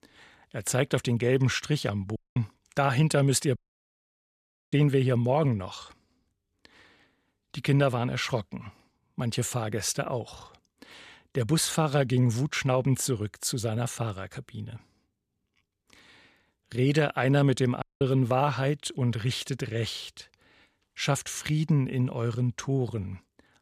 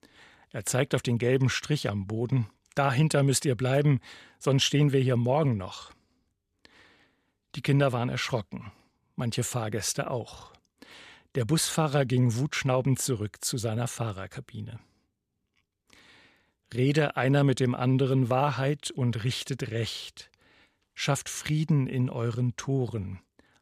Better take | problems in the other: second | audio cutting out; at 2 s, at 3.5 s for 1 s and at 18 s

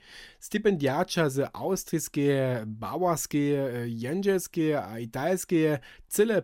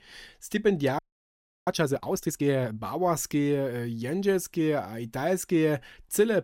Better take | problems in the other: first | audio freezing; at 1 s for 0.5 s

